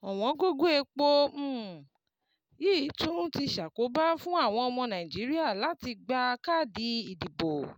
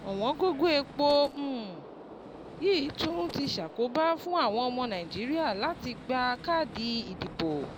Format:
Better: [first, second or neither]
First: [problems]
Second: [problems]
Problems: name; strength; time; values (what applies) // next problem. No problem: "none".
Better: first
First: none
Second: background sound (Gunshot, gunfire); 15 dB below the speech